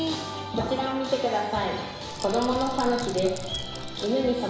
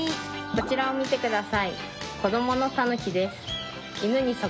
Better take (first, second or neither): second